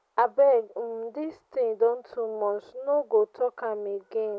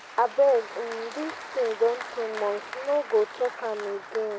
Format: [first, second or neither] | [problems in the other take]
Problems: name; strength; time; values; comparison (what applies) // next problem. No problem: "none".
first | background sound (Applause); 12 dB below the speech